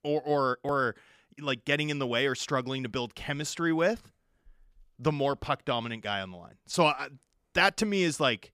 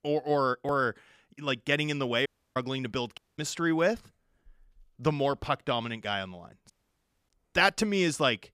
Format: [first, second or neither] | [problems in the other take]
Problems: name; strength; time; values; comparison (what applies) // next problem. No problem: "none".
first | audio cutting out; at 2.5 s, at 3 s and at 6.5 s for 0.5 s